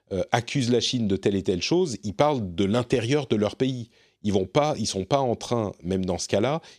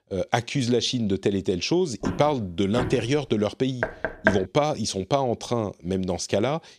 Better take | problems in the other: first | footsteps; noticeable; from 2 to 3 s; peak 5 dB below the speech // door banging; loud; at 4 s; peak level with the speech

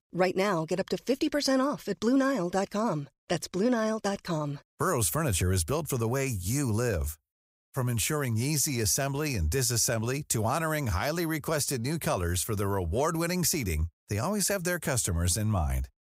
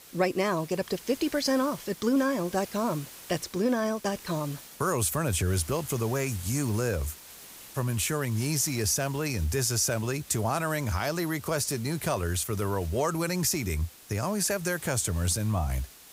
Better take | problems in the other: first | hiss; noticeable; throughout; 15 dB below the speech

